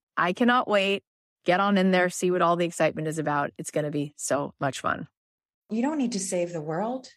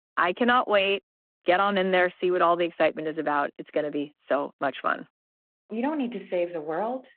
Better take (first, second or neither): first